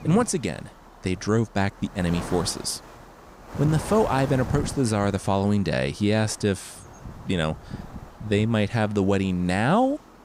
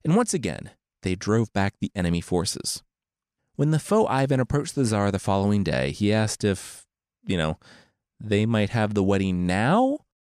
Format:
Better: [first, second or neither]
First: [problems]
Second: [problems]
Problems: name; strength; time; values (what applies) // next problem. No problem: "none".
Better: second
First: wind noise on the microphone; occasional gusts; 15 dB below the speech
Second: none